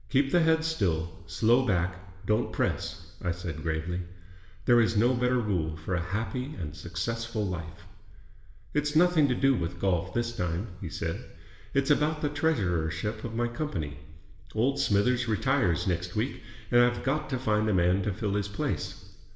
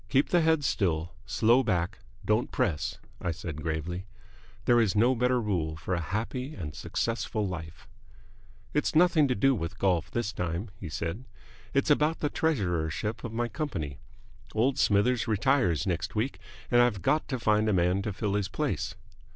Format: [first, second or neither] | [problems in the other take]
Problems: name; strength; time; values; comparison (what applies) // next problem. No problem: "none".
second | room echo; dies away in 1 s